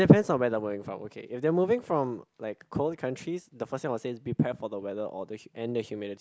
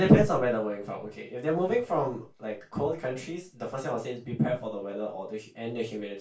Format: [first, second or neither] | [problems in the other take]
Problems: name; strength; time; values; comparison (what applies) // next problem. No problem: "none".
first | room echo; dies away in 0.2 s